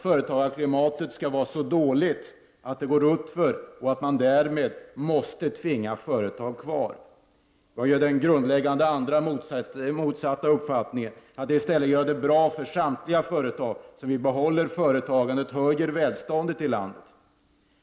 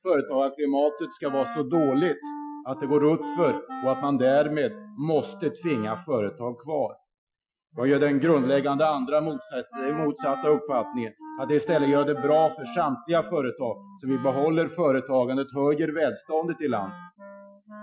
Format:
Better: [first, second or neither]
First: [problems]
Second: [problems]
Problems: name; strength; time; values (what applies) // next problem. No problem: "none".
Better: first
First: none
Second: noise reduction (classical method Wiener filter)